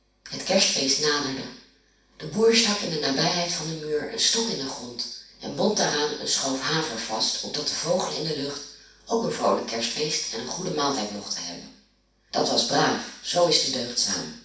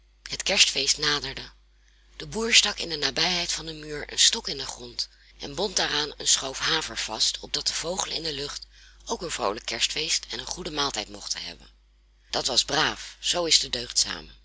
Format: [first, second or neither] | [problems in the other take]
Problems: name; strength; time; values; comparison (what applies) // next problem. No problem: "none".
second | room echo; dies away in 0.6 s